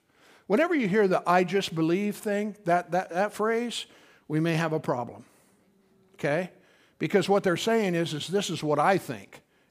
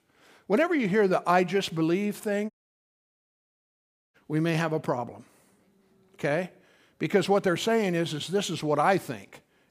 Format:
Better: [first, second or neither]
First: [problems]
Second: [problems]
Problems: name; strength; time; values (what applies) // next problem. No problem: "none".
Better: first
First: none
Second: audio cutting out; at 2.5 s for 1.5 s